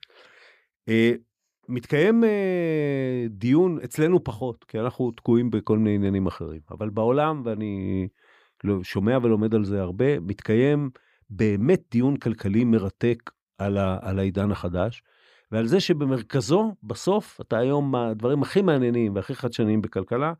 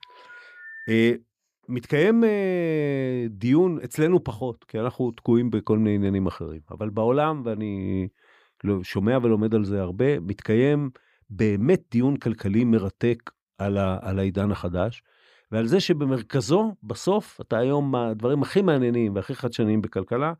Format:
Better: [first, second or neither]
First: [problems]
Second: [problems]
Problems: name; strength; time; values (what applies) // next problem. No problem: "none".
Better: first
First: none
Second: phone ringing; faint; at the start; peak 15 dB below the speech